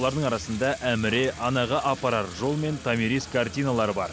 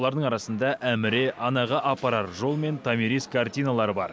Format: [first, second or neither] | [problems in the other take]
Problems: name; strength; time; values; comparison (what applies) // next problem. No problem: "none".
second | background sound (Sink (filling or washing) / Water tap, faucet); 16 dB below the speech